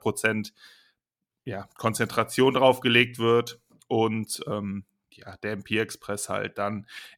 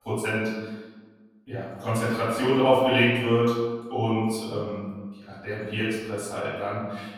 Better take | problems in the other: first | off-mic speech; far // room echo; strong; dies away in 1.2 s

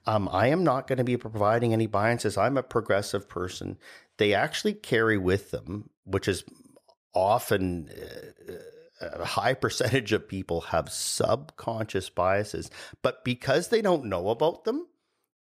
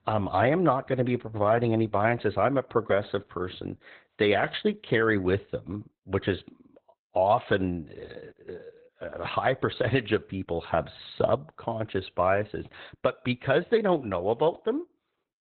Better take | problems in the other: first | garbled, watery; badly; nothing above 4 kHz

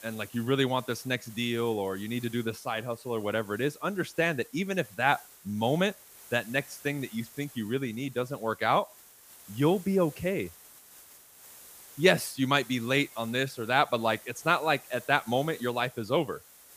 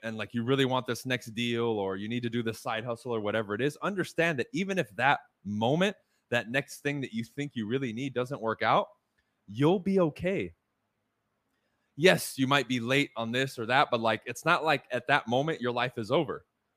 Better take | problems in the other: second | hiss; noticeable; throughout; 20 dB below the speech

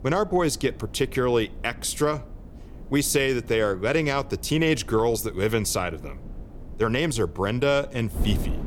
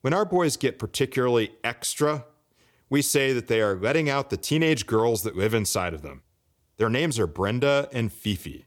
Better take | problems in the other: second | wind noise on the microphone; occasional gusts; 25 dB below the speech

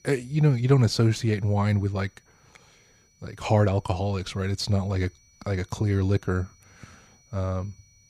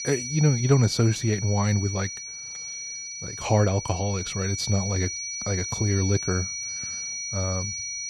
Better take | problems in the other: first | high-pitched whine; loud; throughout; 6 kHz, 6 dB below the speech; faint in the first

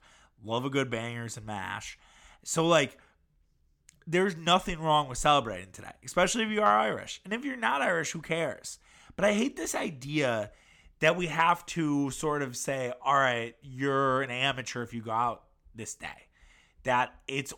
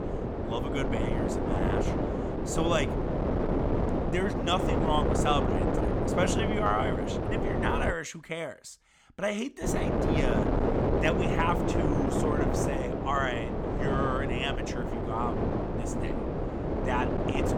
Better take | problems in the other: first | wind noise on the microphone; heavy; until 8 s and from 9.5 s on; as loud as the speech

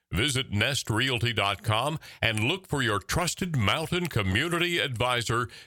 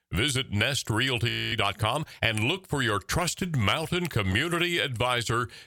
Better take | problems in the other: first | audio freezing; at 1.5 s

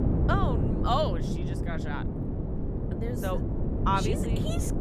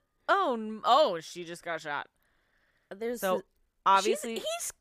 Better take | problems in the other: second | wind noise on the microphone; heavy; 6 dB below the speech

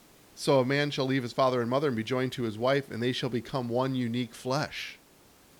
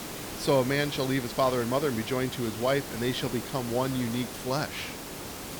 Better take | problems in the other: first | hiss; loud; throughout; 8 dB below the speech; faint in the first

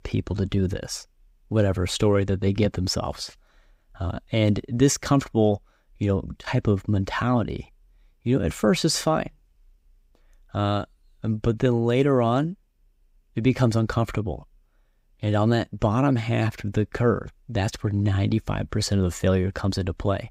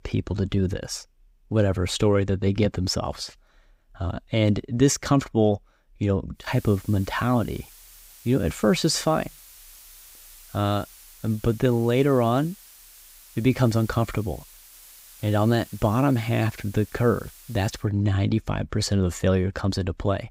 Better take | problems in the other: first | hiss; faint; from 6.5 to 18 s; 20 dB below the speech

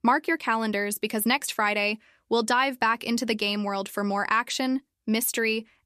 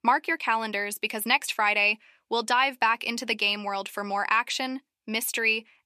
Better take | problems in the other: first | thin; somewhat; fading below 300 Hz

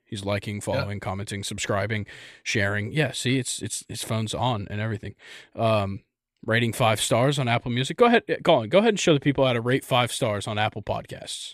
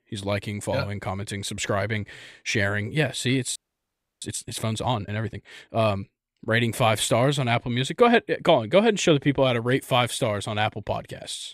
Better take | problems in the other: first | audio freezing; at 3.5 s for 0.5 s

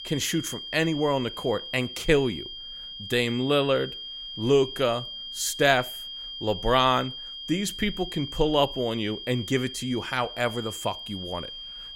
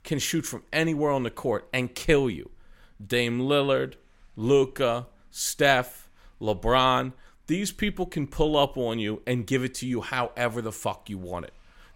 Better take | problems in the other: second | high-pitched whine; loud; throughout; 3 kHz, 9 dB below the speech

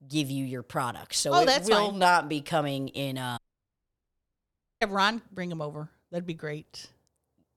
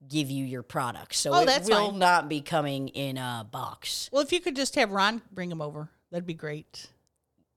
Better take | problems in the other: second | audio cutting out; at 3.5 s for 1.5 s

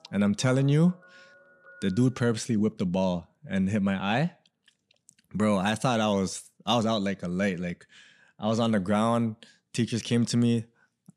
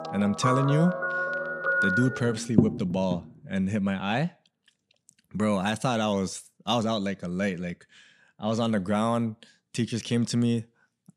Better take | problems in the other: first | background music; loud; until 2.5 s; 1 dB below the speech; faint in the first

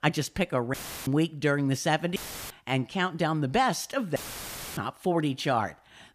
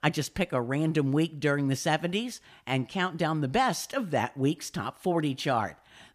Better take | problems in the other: second | audio cutting out; filled with static; at 0.5 s, at 2 s and at 4 s for 0.5 s

